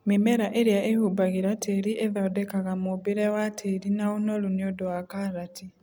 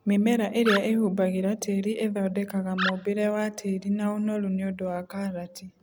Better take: first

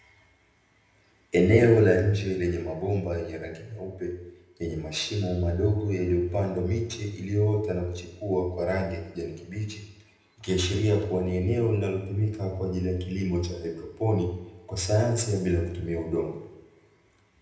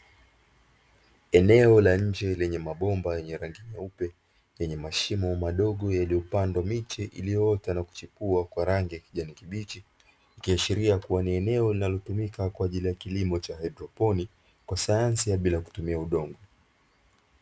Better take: second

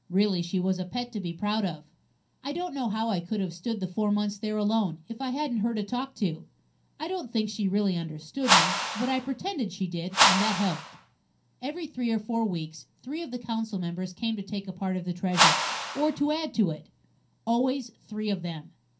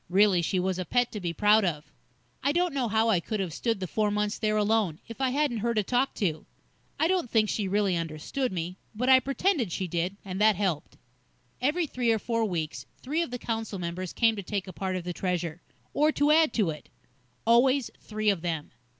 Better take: second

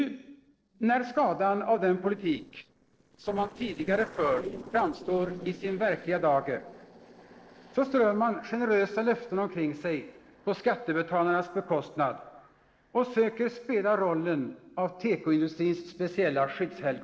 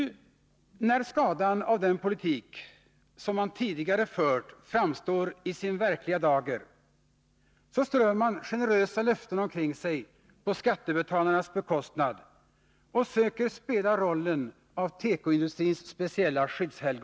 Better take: second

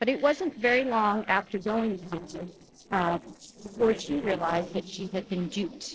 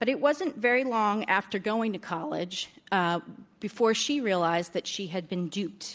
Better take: second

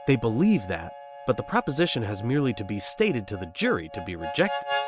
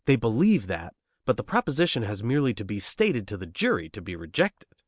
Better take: second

